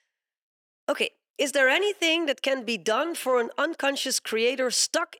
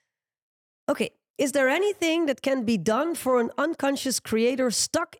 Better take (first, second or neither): second